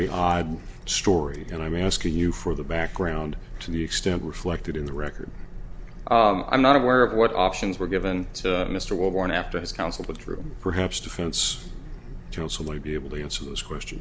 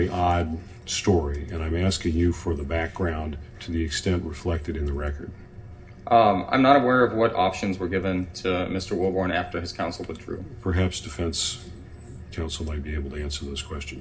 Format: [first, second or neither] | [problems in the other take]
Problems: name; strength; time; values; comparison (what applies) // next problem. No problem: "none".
first | room echo; dies away in 0.4 s